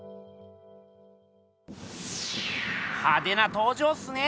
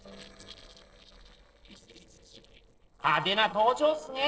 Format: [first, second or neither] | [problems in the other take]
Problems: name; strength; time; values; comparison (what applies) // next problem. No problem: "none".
first | noise reduction (neural separator model SepFormer DNS4)